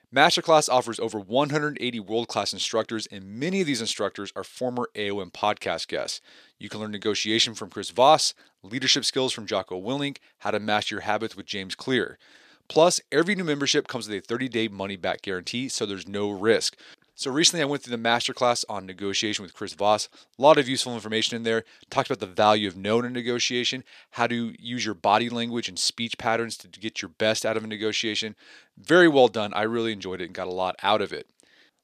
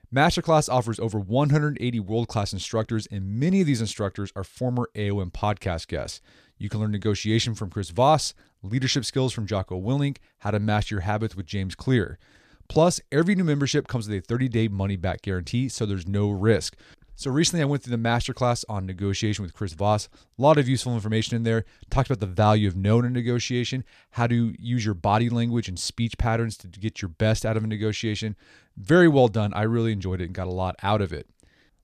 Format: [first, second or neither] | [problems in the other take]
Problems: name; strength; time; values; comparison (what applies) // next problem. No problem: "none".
second | thin; somewhat; fading below 300 Hz